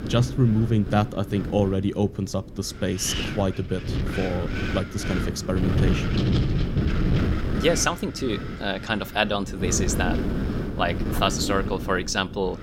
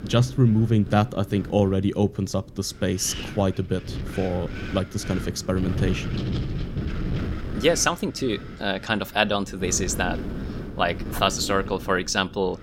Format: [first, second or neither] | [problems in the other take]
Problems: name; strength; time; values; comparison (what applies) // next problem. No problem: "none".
second | wind noise on the microphone; heavy; 6 dB below the speech; occasional gusts in the second